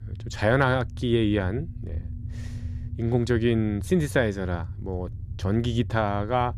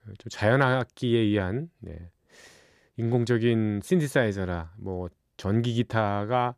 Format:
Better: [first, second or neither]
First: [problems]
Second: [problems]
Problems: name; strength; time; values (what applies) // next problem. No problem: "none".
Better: second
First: low rumble; faint; throughout; 25 dB below the speech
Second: none